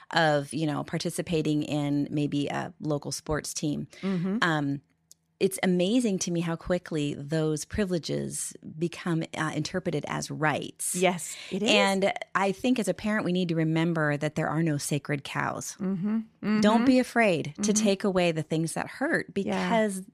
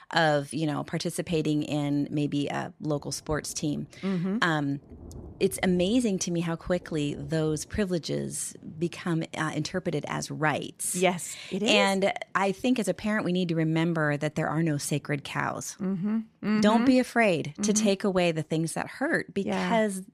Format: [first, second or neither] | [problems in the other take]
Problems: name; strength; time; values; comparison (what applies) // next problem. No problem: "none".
first | rain or running water; faint; until 16 s; 25 dB below the speech